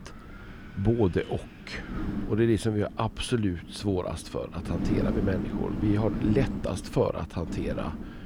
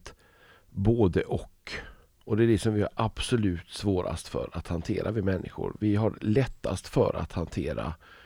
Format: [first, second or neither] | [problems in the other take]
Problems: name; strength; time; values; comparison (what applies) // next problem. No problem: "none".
second | wind noise on the microphone; heavy; 8 dB below the speech